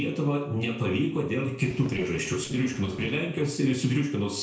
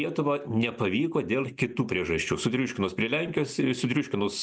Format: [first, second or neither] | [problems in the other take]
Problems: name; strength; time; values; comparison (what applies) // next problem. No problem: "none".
second | noise reduction (neural separator model SepFormer DNS4)